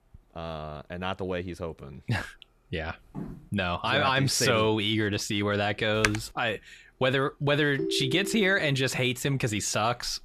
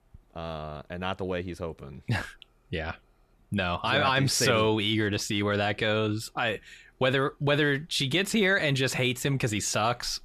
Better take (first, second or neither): second